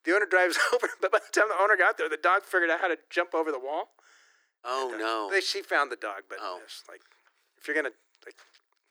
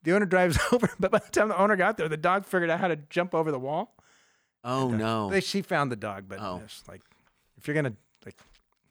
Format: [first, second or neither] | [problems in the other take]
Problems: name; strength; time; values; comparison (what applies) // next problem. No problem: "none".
second | thin; very; fading below 300 Hz